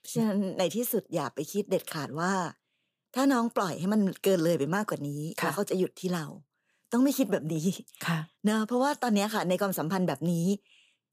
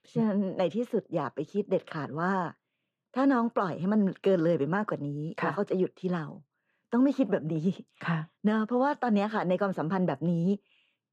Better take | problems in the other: first | muffled; very; fading above 2 kHz

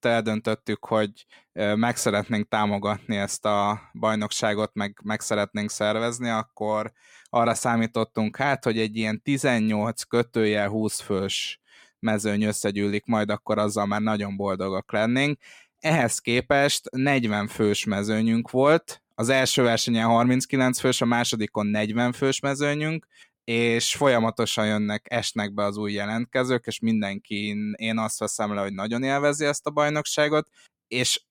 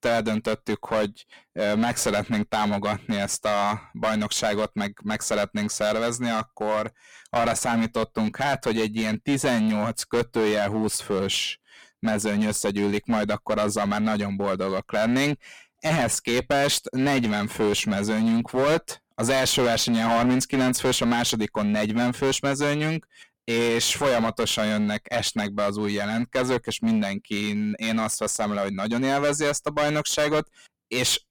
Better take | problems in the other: first | distortion; heavy; 11% of the sound clipped

